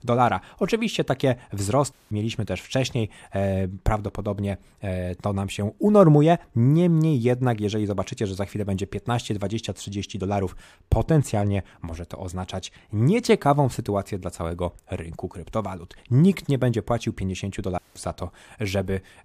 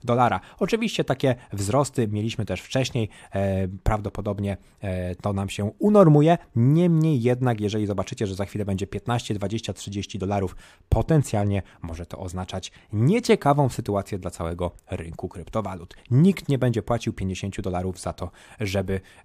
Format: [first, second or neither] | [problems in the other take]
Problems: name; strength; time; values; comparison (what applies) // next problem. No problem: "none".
second | audio cutting out; at 2 s and at 18 s